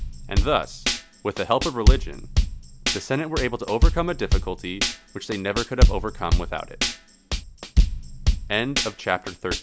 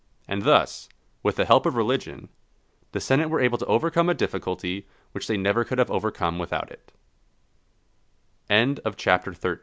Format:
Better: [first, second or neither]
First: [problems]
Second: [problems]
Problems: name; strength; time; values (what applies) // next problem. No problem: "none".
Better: second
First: background sound (Tambourine / Drum / Drum kit); 5 dB above the speech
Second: none